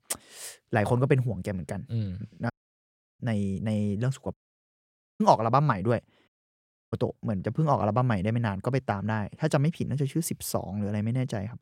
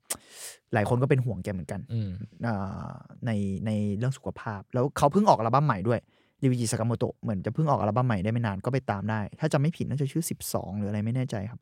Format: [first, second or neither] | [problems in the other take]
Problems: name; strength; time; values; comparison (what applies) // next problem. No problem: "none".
second | audio cutting out; at 2.5 s for 0.5 s, at 4.5 s for 1 s and at 6.5 s for 0.5 s